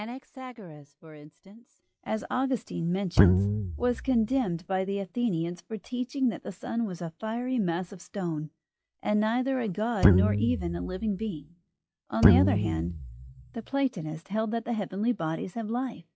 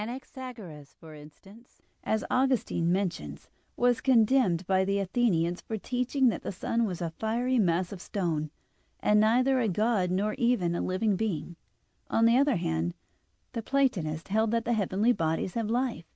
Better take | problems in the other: second | noise reduction (classical method log-MMSE)

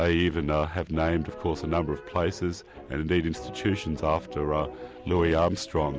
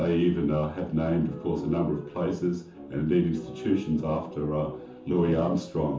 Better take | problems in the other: first | room echo; dies away in 0.9 s

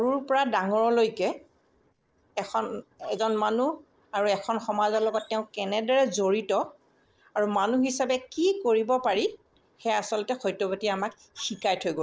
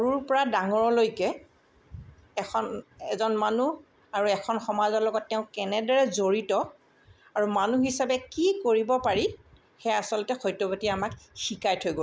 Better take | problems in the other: second | noise reduction (neural separator model SepFormer DNS4)

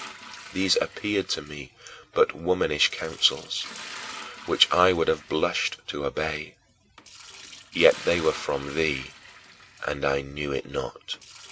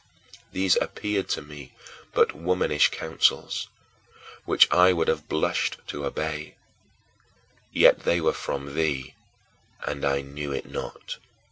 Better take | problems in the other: second | background sound (Liquid); 17 dB below the speech

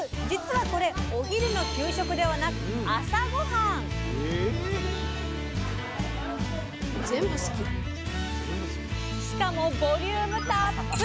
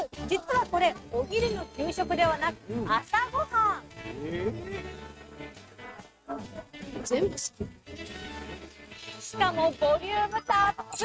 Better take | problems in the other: first | noise reduction (neural mask model RNNoise)

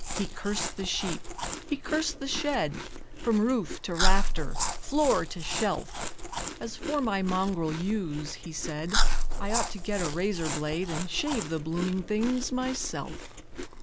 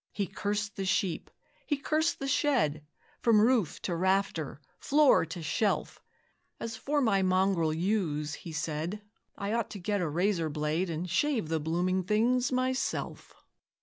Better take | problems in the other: second | background sound (Chewing, mastication); 2 dB above the speech

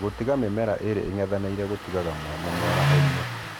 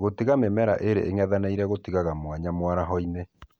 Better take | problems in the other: second | background sound (Engine starting); 1 dB below the speech

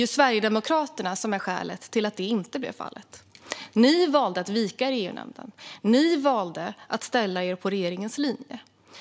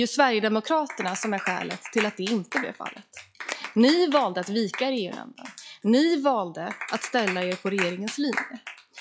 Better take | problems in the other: first | noise reduction (classical method log-MMSE)

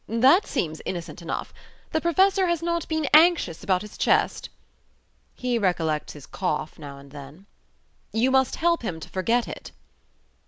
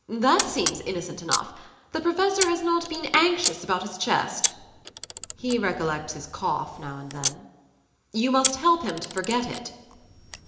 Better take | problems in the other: first | background sound (Camera); 7 dB below the speech // room echo; dies away in 0.8 s

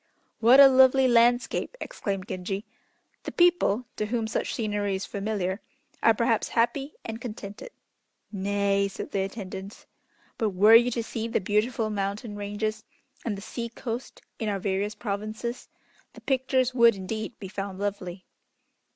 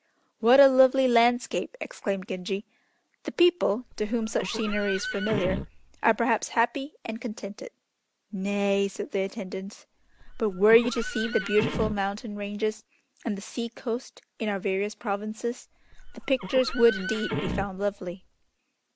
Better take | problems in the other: first | background sound (Livestock, farm animals, working animals); 8 dB below the speech

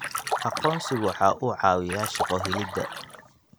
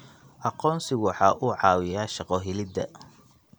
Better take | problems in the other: second | background sound (Splash, splatter); 5 dB below the speech

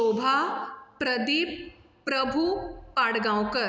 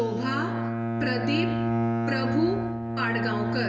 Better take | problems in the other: first | background sound (Bowed string instrument); 2 dB above the speech // room echo; dies away in 0.1 s

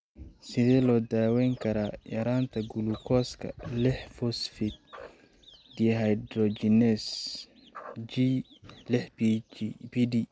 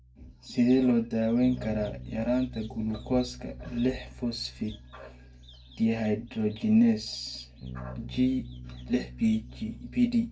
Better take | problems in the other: first | background sound (Bass guitar); 15 dB below the speech // room echo; dies away in 0.2 s

